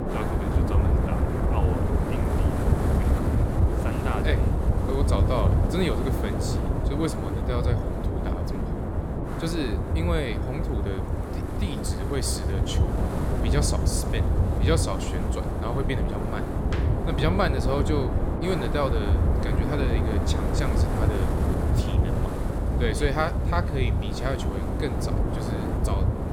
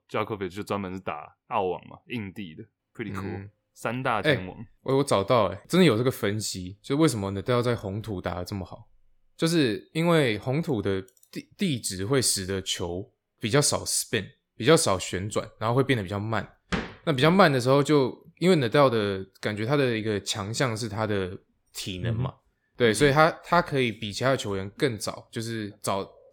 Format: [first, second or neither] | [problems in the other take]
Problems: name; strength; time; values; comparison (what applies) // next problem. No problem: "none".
second | wind noise on the microphone; heavy; 1 dB below the speech